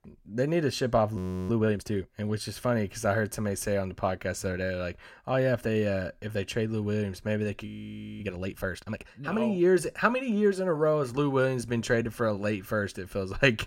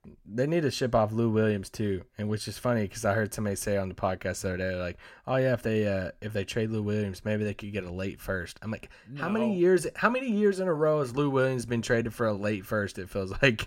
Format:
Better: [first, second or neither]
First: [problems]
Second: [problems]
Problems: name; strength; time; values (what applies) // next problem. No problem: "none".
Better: second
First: audio freezing; at 1 s and at 7.5 s for 0.5 s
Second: none